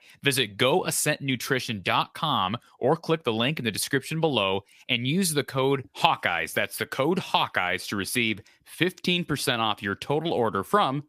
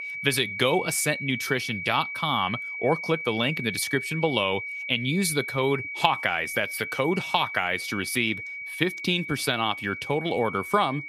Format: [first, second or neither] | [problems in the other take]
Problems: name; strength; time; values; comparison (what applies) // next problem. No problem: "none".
first | high-pitched whine; loud; throughout; 2.5 kHz, 6 dB below the speech